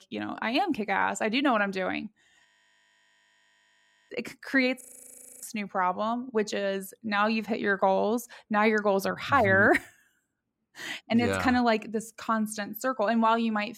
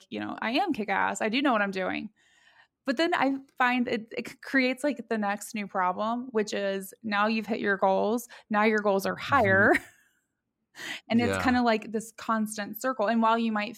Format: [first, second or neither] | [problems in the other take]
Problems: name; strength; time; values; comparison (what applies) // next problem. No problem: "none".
second | audio freezing; at 2.5 s for 1.5 s and at 5 s for 0.5 s